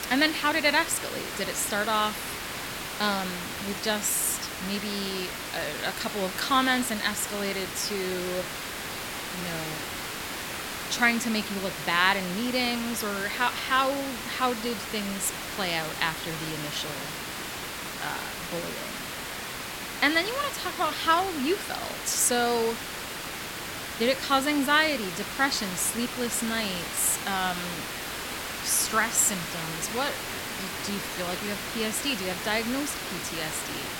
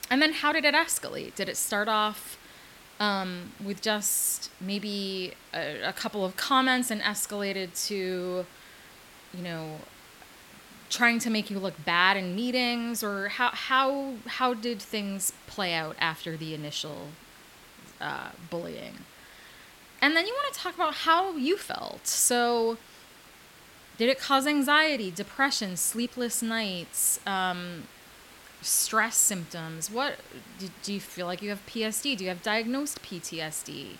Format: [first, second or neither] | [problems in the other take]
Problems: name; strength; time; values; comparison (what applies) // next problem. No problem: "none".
second | hiss; loud; throughout; 6 dB below the speech; faint in the second